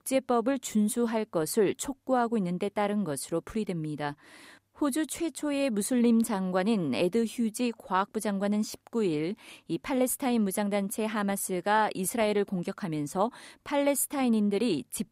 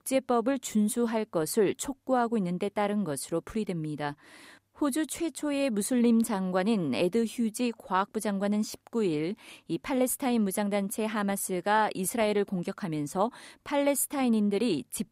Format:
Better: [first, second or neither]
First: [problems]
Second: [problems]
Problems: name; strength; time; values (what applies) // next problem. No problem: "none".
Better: neither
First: none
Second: none